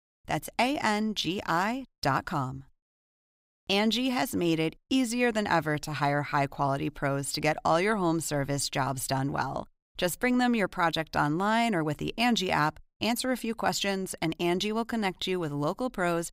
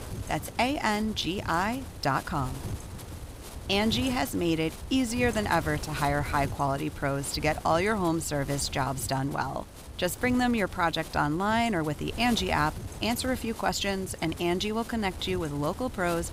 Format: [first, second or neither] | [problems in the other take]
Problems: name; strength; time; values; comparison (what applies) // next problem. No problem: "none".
first | wind noise on the microphone; occasional gusts; 15 dB below the speech